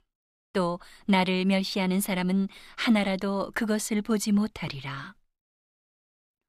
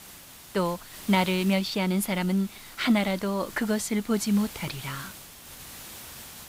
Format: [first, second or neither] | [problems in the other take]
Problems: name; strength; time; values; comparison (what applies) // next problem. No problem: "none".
first | hiss; noticeable; throughout; 15 dB below the speech